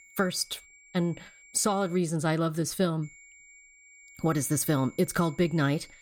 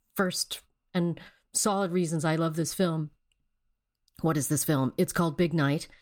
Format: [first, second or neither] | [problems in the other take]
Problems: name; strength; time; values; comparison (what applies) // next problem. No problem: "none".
second | high-pitched whine; faint; until 2 s and from 3 s on; 2 kHz, 25 dB below the speech